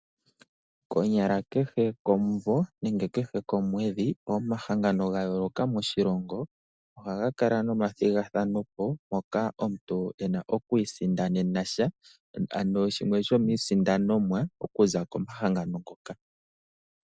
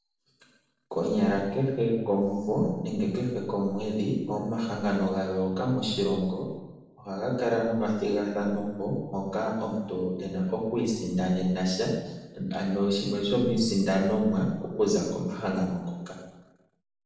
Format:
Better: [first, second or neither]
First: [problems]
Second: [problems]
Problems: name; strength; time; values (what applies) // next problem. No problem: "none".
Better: first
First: none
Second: room echo; dies away in 0.8 s